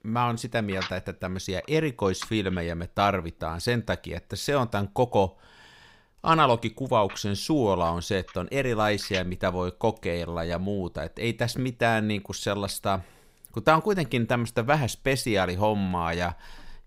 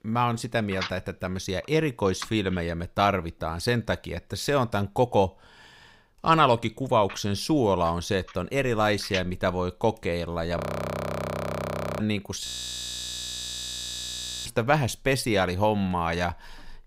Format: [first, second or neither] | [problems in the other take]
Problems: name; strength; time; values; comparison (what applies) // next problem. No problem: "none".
first | audio freezing; at 11 s for 1.5 s and at 12 s for 2 s